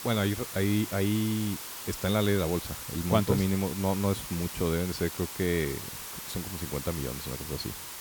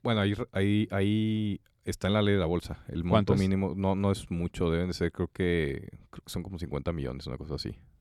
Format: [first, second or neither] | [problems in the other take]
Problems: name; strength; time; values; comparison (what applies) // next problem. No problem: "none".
second | hiss; loud; throughout; 7 dB below the speech